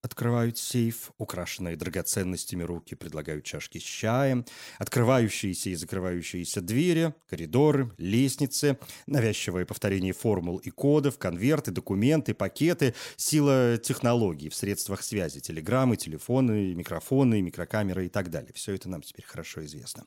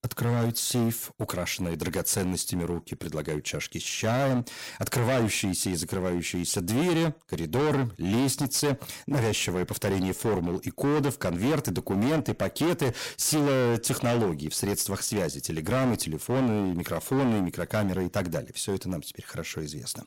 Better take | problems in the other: first | distortion; heavy; 17% of the sound clipped

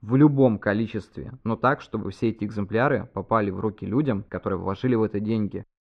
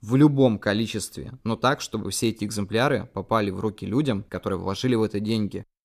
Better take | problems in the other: second | muffled; very; fading above 1.5 kHz

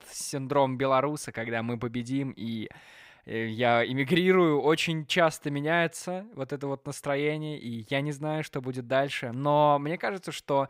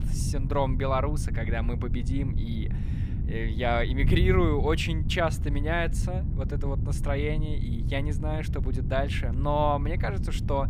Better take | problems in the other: first | wind noise on the microphone; occasional gusts; 15 dB below the speech

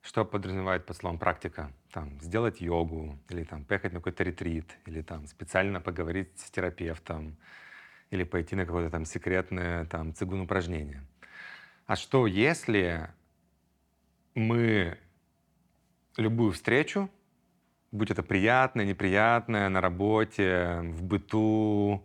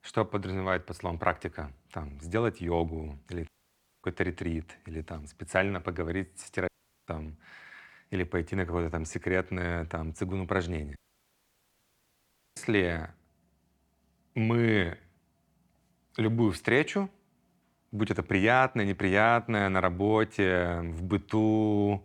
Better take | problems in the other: first | audio cutting out; at 3.5 s for 0.5 s, at 6.5 s and at 11 s for 1.5 s

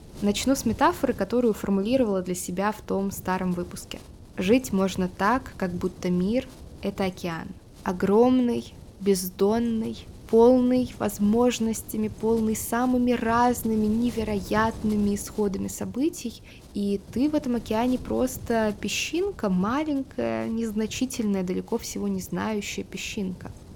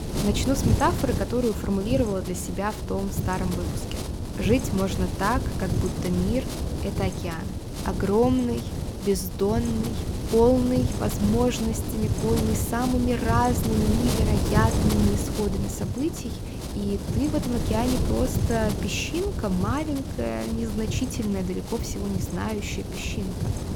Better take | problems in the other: first | wind noise on the microphone; heavy; 6 dB below the speech; occasional gusts in the first

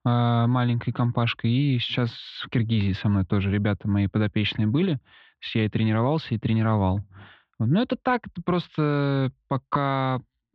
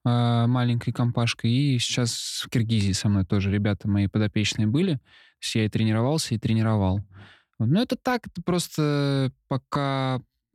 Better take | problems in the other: second | muffled; very; fading above 3.5 kHz

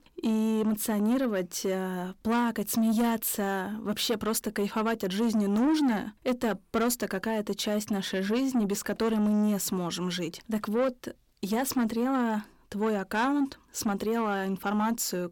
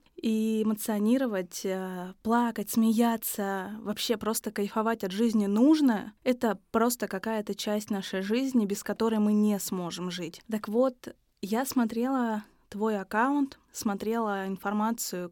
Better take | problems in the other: second | distortion; slight; 10 dB below the speech

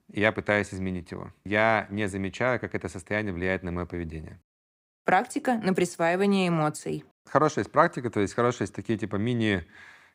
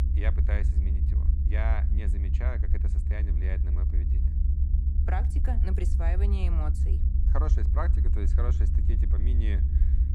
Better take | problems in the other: first | low rumble; loud; throughout; 4 dB below the speech

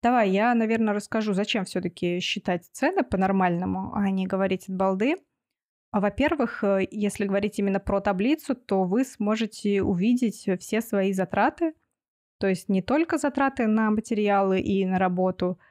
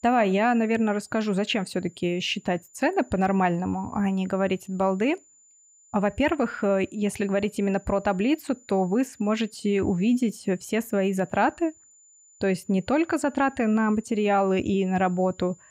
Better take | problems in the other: first | high-pitched whine; faint; throughout; 7 kHz, 30 dB below the speech

